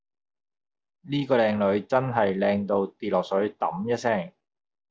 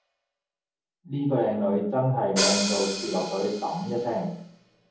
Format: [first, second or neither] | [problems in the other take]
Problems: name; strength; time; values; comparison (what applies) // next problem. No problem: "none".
first | background sound (Hi-hat); 7 dB below the speech // room echo; dies away in 0.7 s